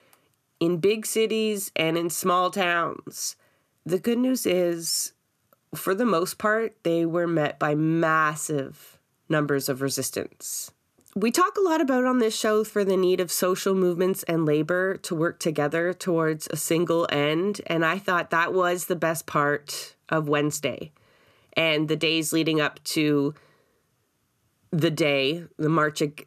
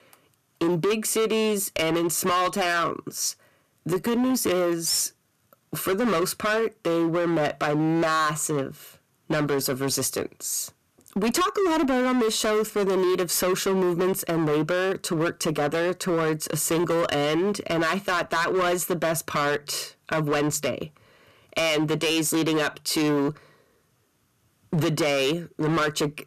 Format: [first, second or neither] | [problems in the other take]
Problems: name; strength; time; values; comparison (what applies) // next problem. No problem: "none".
first | distortion; heavy; 18% of the sound clipped